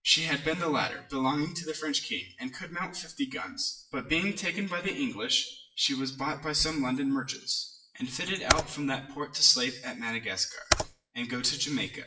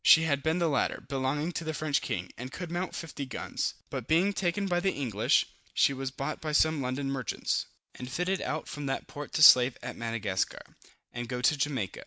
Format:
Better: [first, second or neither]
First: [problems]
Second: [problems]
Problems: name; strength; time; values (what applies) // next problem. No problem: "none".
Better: second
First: noise reduction (classical method WPE with log-MMSE)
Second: none